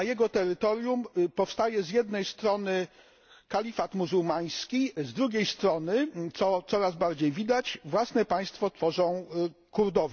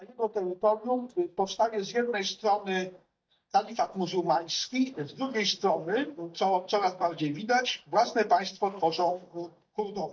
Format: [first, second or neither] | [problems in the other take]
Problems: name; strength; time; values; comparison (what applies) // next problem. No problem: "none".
first | noise reduction (neural mask model DeepFilterNet 3)